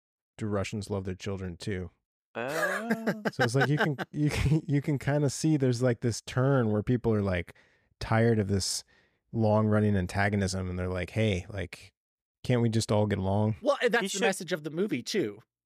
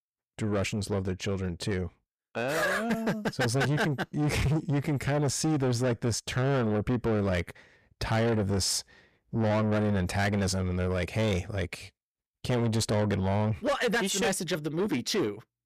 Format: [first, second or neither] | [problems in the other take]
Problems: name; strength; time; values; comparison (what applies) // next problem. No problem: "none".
first | distortion; heavy; 7 dB below the speech